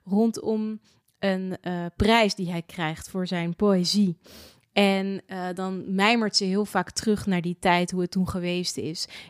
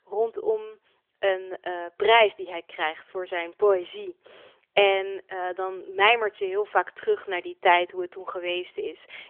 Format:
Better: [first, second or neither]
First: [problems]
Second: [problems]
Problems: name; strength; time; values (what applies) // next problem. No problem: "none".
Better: first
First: none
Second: phone-call audio; nothing above 3 kHz